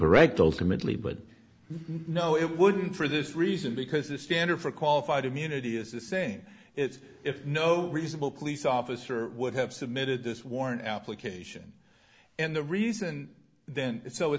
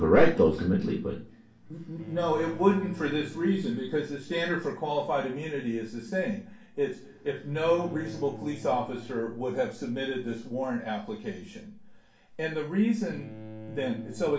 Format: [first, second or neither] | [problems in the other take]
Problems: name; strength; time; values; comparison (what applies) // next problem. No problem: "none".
first | background sound (Bowed string instrument); 19 dB below the speech // room echo; dies away in 0.3 s